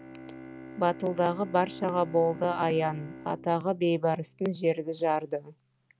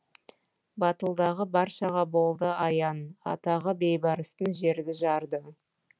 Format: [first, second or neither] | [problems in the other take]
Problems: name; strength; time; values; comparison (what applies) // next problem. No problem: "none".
second | background sound (Bowed string instrument); 16 dB below the speech